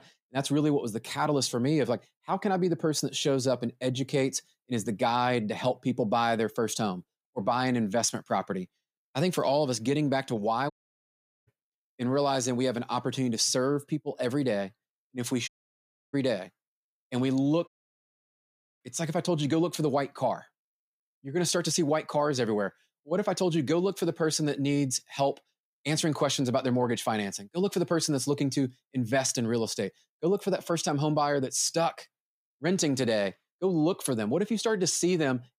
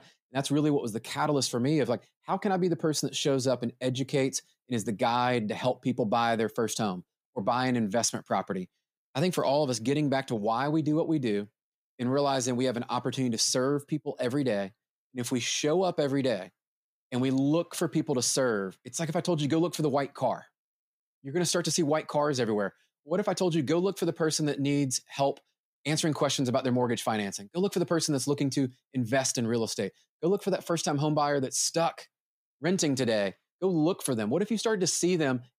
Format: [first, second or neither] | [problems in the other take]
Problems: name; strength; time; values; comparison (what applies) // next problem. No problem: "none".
second | audio cutting out; at 11 s for 1 s, at 15 s for 0.5 s and at 18 s for 1 s